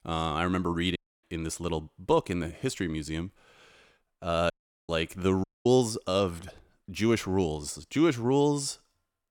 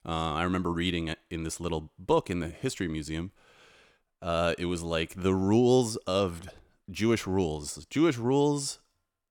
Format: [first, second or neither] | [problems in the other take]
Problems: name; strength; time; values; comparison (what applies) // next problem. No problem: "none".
second | audio cutting out; at 1 s, at 4.5 s and at 5.5 s